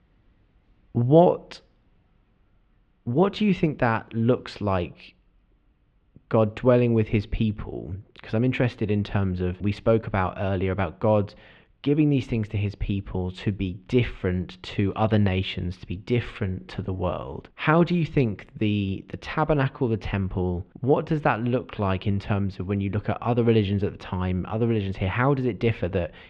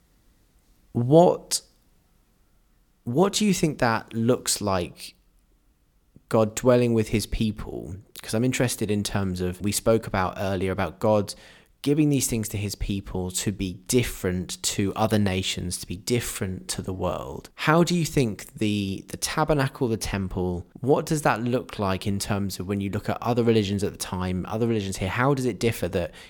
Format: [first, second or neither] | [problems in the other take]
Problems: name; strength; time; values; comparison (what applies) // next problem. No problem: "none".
second | muffled; very; fading above 3 kHz